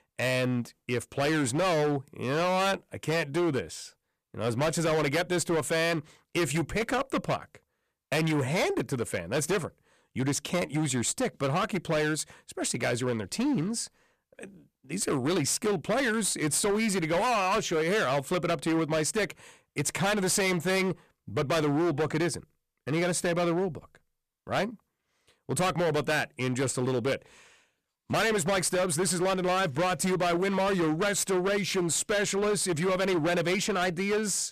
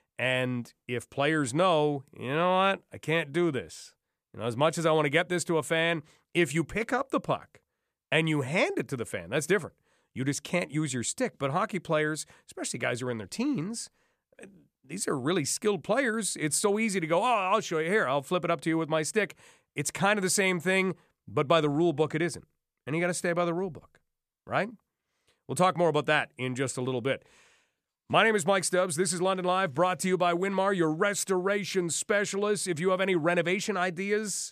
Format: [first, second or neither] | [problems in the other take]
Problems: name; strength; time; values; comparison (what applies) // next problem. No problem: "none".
second | distortion; heavy; 20% of the sound clipped